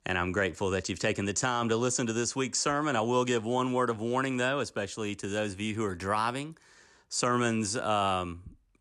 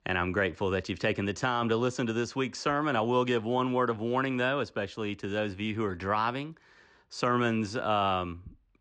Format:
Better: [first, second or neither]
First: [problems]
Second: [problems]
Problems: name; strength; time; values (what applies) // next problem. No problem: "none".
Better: first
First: none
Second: muffled; slightly; fading above 4 kHz